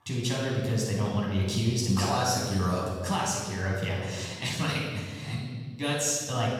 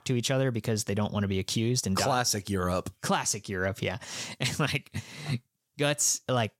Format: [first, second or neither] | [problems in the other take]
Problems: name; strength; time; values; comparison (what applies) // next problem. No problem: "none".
second | off-mic speech; far // room echo; strong; dies away in 1.6 s